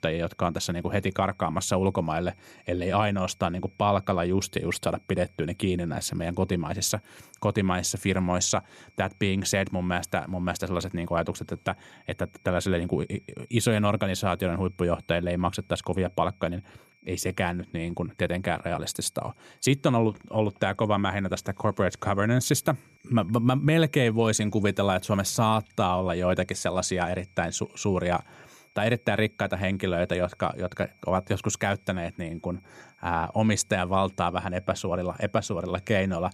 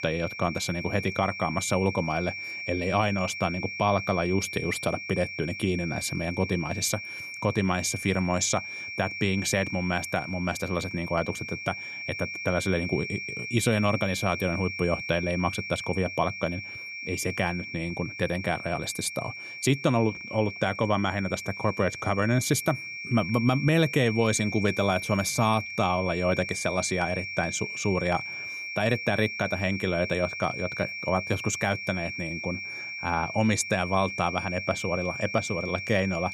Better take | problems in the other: first | high-pitched whine; loud; throughout; 2.5 kHz, 6 dB below the speech; faint in the first

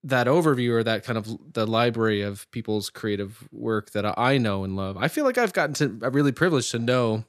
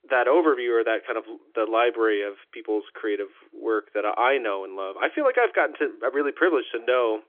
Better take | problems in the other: first | phone-call audio; nothing above 3.5 kHz

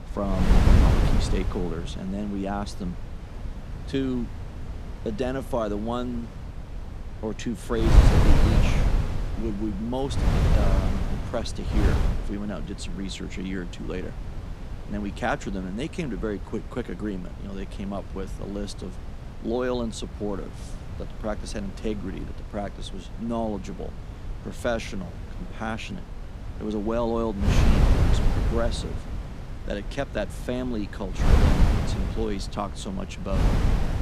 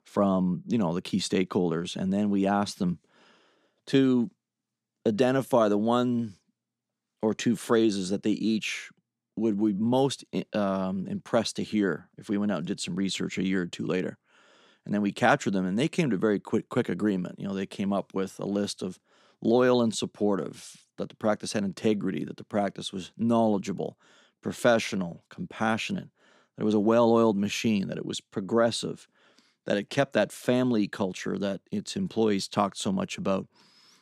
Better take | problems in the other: second | wind noise on the microphone; heavy; 3 dB below the speech

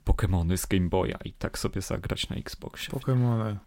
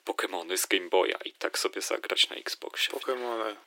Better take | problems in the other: first | thin; very; fading below 350 Hz

